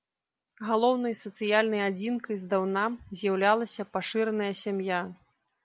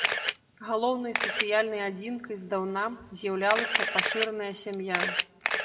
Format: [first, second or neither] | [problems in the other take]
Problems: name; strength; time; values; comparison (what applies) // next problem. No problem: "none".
first | background sound (Camera); 1 dB below the speech // room echo; dies away in 0.8 s